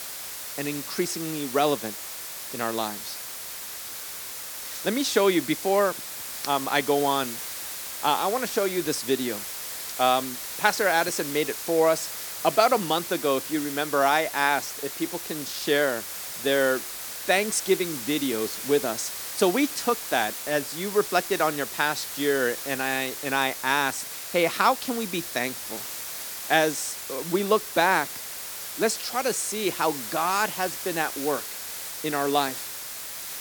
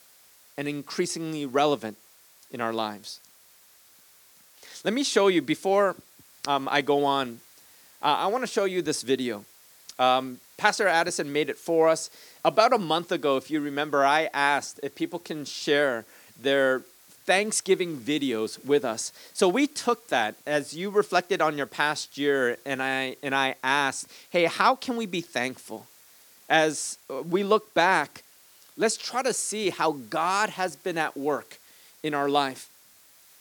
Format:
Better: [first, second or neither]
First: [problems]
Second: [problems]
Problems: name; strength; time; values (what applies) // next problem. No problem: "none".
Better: second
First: hiss; loud; throughout; 7 dB below the speech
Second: hiss; faint; throughout; 25 dB below the speech